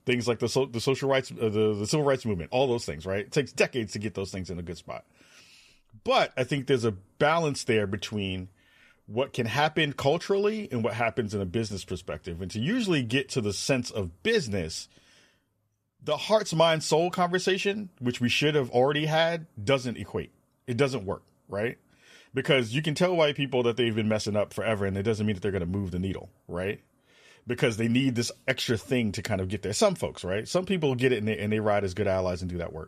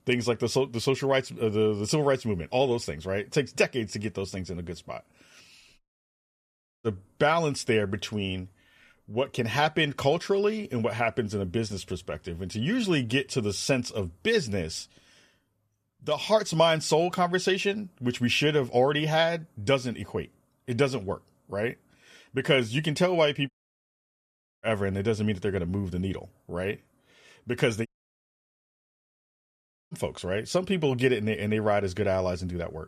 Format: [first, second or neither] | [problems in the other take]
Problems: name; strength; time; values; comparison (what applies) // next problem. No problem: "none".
first | audio cutting out; at 6 s for 1 s, at 24 s for 1 s and at 28 s for 2 s